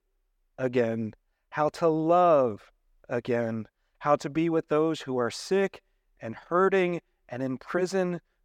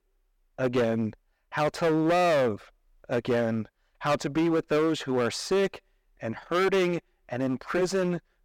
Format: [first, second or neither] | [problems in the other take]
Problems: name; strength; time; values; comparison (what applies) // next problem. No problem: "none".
first | distortion; heavy; 13% of the sound clipped